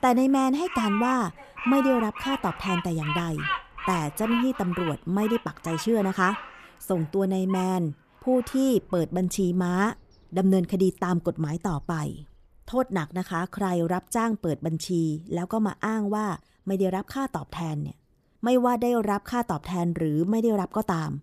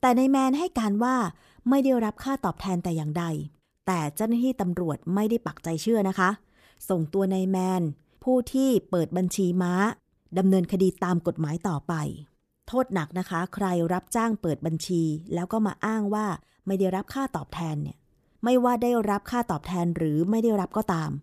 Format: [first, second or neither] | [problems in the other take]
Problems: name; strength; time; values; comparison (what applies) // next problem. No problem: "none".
second | animal sounds; loud; throughout; 8 dB below the speech